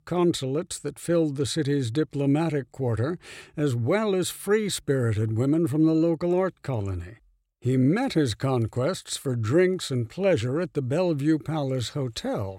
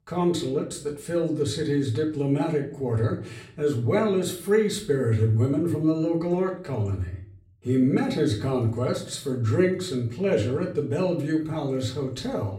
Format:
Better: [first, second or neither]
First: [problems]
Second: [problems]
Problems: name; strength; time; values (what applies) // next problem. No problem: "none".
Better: first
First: none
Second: off-mic speech; far // room echo; slight; dies away in 0.4 s